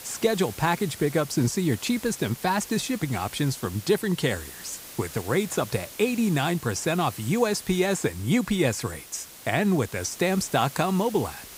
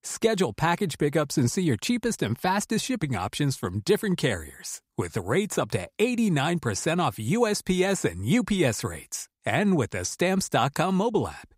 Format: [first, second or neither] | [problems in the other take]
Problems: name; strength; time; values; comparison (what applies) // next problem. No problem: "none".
second | hiss; noticeable; throughout; 15 dB below the speech